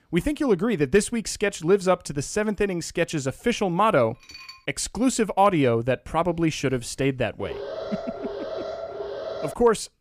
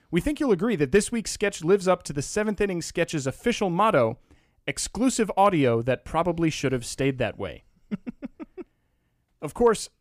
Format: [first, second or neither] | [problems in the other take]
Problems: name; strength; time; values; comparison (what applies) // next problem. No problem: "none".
second | clattering dishes; faint; at 4 s; peak 15 dB below the speech // alarm; noticeable; from 7.5 s on; peak 9 dB below the speech